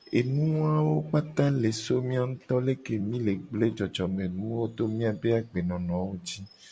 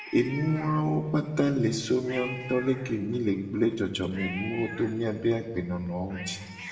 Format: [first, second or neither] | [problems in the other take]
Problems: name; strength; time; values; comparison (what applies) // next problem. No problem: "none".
first | background sound (Cat); 16 dB below the speech // room echo; dies away in 1.8 s